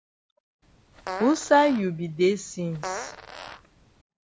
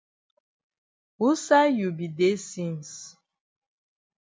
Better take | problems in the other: second | background sound (Fart); 12 dB below the speech

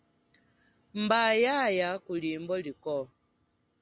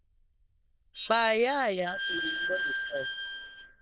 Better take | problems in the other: first | noise reduction (neural diffusion model UNIVERSE++)

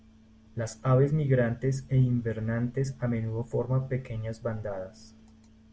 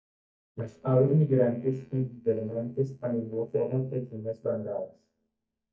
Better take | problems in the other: first | noise reduction (neural mask model DeepFilterNet 3)

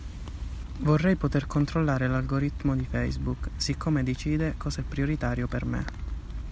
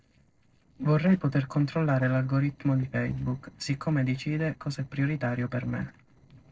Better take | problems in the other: first | noise reduction (neural separator model SepFormer DNS4)

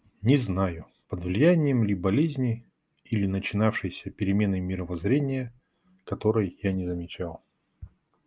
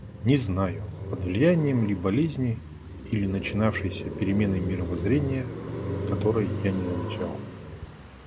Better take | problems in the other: first | background sound (Car passing by); 6 dB below the speech

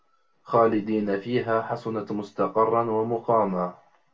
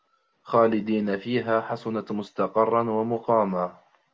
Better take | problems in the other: second | room echo; dies away in 0.2 s

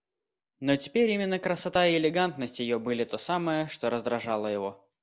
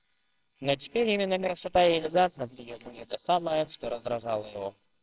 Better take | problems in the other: first | noise reduction (neural separator model SepFormer WHAMR!)

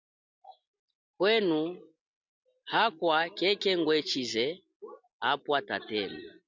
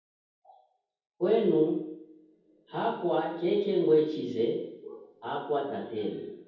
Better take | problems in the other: first | room echo; dies away in 0.9 s

